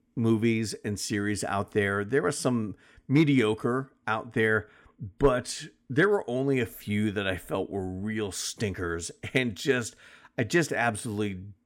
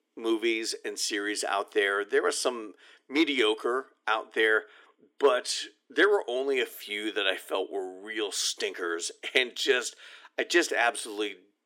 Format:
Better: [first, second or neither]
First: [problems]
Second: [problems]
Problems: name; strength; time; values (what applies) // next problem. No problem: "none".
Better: first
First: none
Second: thin; very; fading below 350 Hz